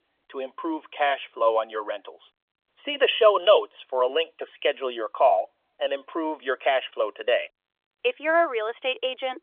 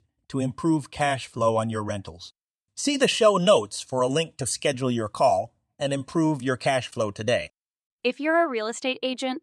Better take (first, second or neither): second